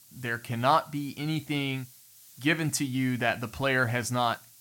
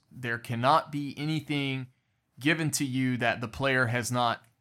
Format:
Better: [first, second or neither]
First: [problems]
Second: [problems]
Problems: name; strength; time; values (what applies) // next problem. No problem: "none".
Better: second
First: hiss; faint; throughout; 20 dB below the speech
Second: none